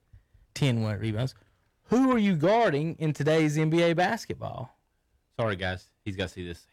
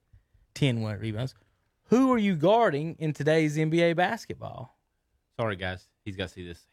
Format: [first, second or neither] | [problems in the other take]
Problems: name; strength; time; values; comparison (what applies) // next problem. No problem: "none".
second | distortion; slight; 10 dB below the speech